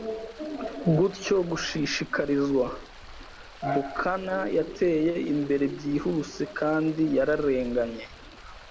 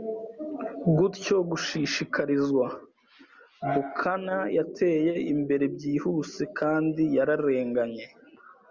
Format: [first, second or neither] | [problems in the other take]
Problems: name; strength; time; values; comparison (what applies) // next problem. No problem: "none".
second | background sound (Stream + Fixed-wing aircraft, airplane); 18 dB below the speech